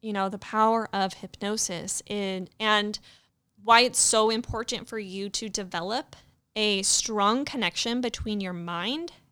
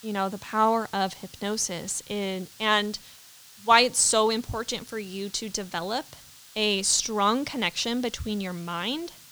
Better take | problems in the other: first | hiss; faint; throughout; 20 dB below the speech

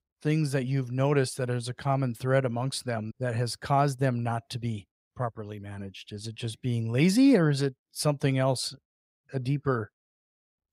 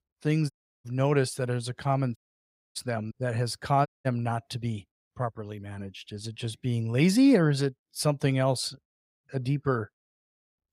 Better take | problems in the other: first | audio cutting out; at 0.5 s, at 2 s for 0.5 s and at 4 s

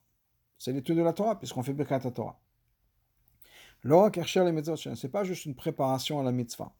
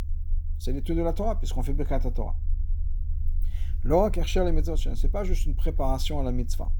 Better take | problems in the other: first | low rumble; faint; throughout; 25 dB below the speech

